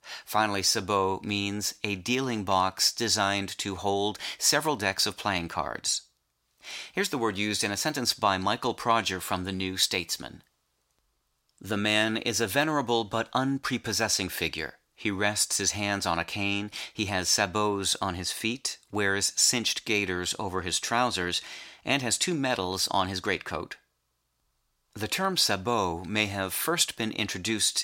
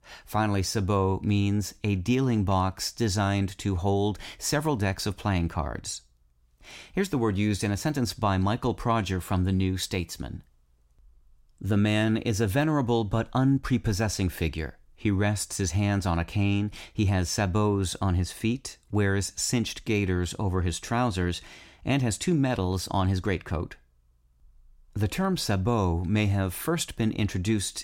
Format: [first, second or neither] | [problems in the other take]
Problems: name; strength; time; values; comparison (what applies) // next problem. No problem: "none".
second | thin; somewhat; fading below 800 Hz